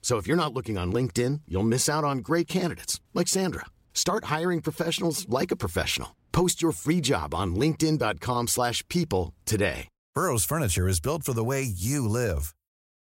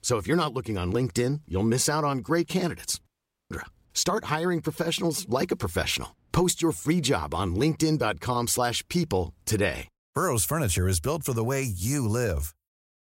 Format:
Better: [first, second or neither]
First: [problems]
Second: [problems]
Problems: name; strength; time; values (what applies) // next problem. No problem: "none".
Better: first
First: none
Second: audio cutting out; at 3 s